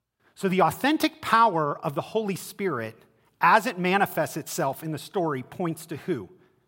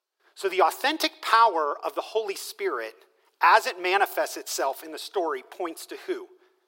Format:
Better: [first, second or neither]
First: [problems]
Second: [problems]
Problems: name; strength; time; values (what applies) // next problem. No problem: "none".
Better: first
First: none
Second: thin; very; fading below 350 Hz